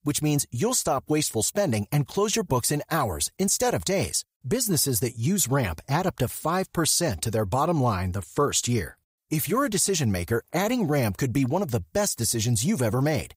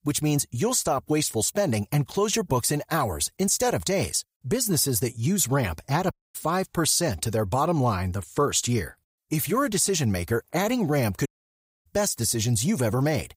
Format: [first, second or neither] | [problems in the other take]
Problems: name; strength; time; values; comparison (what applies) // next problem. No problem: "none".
first | audio cutting out; at 6 s and at 11 s for 0.5 s